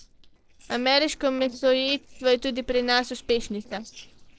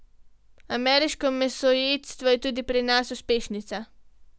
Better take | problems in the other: second | noise reduction (neural separator model SepFormer DNS4)

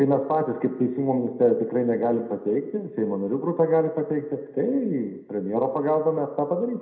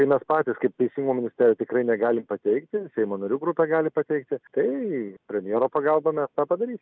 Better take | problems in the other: second | room echo; dies away in 0.7 s

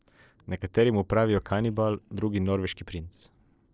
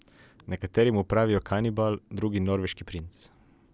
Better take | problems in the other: second | noise reduction (neural separator model SepFormer DNS4)

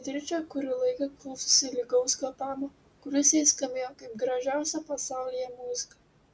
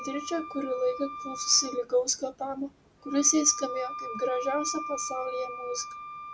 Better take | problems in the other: first | background sound (Wind instrument, woodwind instrument); 9 dB below the speech

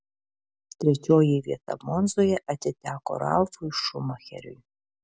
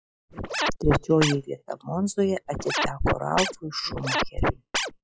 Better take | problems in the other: first | noise reduction (classical method log-MMSE)

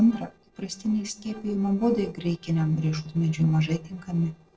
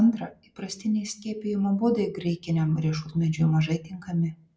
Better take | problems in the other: second | noise reduction (neural separator model SepFormer DNS4)

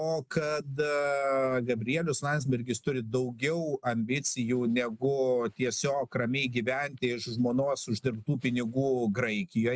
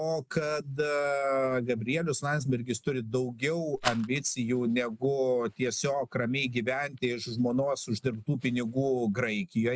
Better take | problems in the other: first | background sound (Rattle); 8 dB below the speech

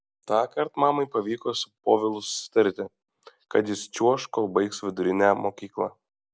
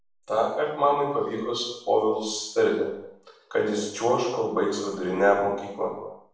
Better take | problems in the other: first | room echo; dies away in 0.7 s

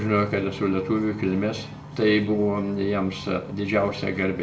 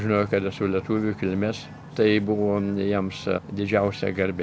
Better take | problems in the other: second | room echo; dies away in 0.6 s

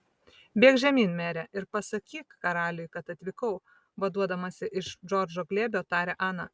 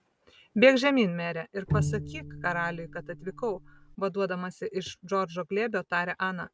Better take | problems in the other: first | background sound (Bowed string instrument); 5 dB below the speech

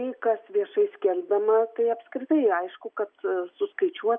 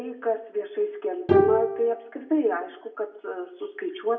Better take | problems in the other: first | background sound (Bowed string instrument); 1 dB below the speech // room echo; dies away in 0.5 s

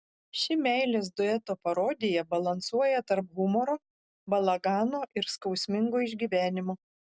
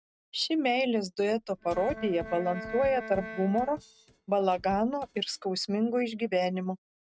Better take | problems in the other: first | noise reduction (neural mask model RNNoise)

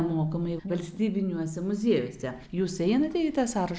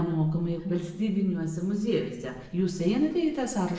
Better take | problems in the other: first | room echo; dies away in 0.9 s

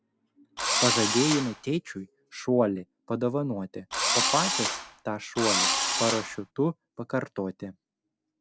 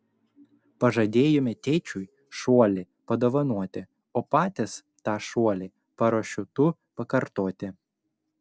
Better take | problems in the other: second | background sound (Engine / Drill); 3 dB above the speech

